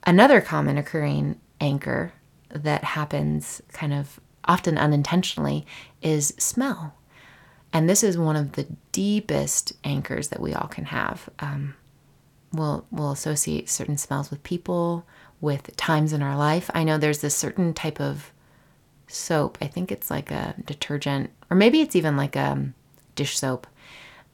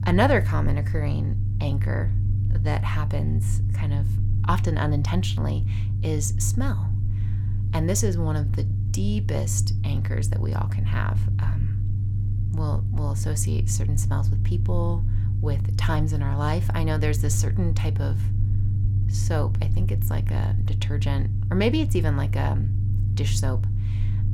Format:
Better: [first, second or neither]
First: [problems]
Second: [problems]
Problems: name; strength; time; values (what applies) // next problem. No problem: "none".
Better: first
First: none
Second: low rumble; loud; throughout; 8 dB below the speech